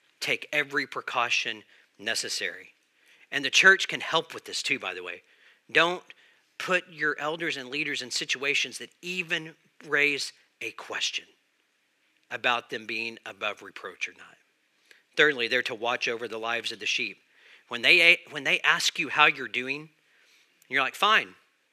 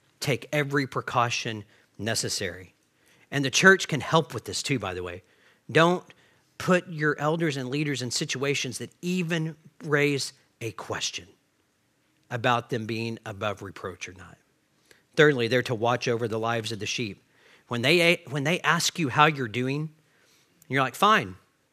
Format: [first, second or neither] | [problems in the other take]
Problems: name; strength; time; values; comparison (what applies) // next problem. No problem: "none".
second | thin; somewhat; fading below 300 Hz